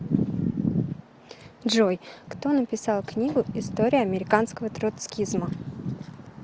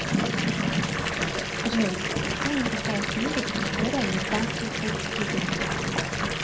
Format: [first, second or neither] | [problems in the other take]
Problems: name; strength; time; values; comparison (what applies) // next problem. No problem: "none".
first | background sound (Fill (with liquid) / Bathtub (filling or washing) / Water tap, faucet); 2 dB above the speech // room echo; dies away in 0.2 s